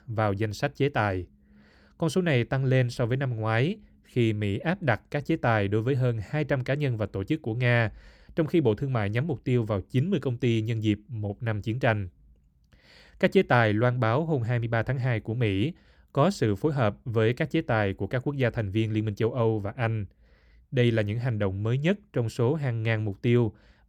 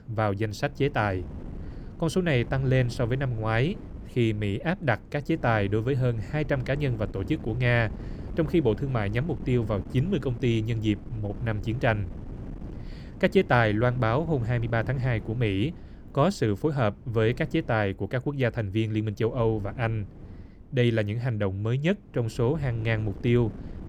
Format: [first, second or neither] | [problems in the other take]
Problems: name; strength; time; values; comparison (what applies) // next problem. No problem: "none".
first | wind noise on the microphone; occasional gusts; 20 dB below the speech